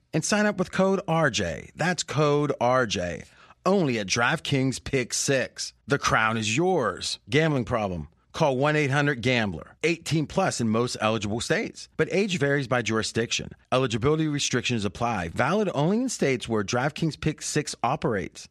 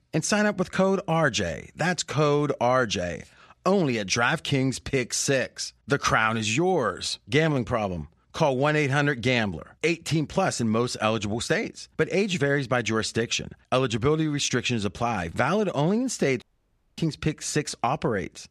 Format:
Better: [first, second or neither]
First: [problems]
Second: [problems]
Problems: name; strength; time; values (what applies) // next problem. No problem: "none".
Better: first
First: none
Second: audio cutting out; at 16 s for 0.5 s